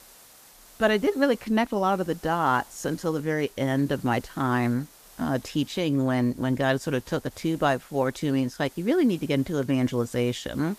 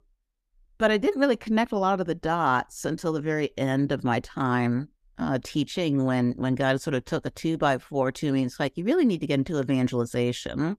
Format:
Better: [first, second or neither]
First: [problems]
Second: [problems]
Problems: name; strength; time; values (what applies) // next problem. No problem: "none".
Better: second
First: hiss; faint; throughout; 25 dB below the speech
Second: none